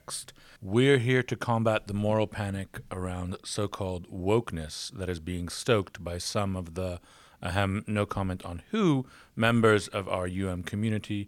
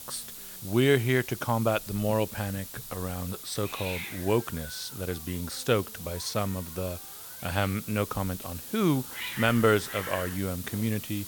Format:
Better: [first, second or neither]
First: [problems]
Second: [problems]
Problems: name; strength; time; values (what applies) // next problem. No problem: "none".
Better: first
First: none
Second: hiss; loud; throughout; 9 dB below the speech